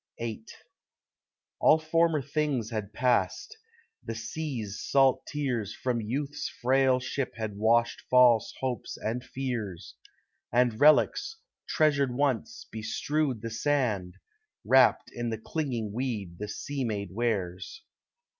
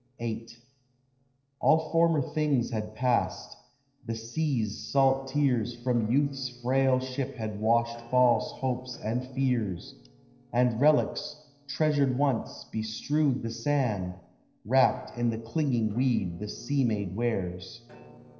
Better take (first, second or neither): first